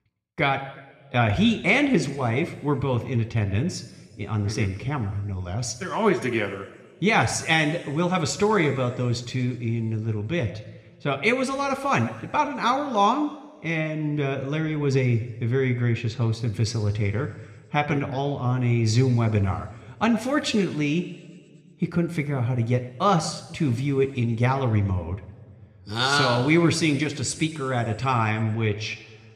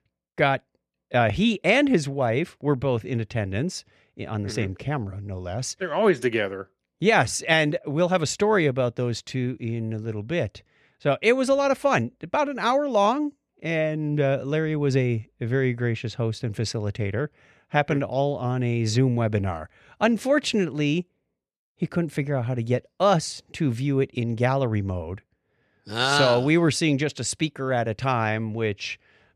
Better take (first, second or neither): second